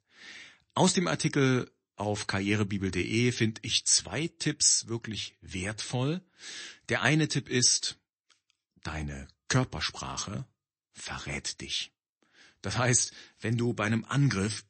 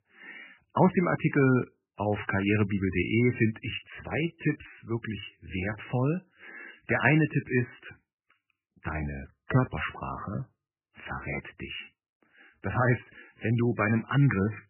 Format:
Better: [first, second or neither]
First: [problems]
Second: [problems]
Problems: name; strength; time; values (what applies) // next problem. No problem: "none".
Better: first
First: garbled, watery; slightly; nothing above 8 kHz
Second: garbled, watery; badly; nothing above 3 kHz